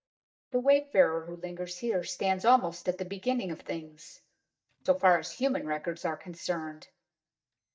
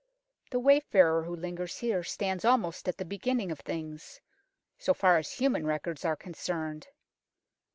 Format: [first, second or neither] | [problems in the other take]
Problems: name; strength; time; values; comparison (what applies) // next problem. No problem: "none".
second | noise reduction (neural mask model DeepFilterNet 3)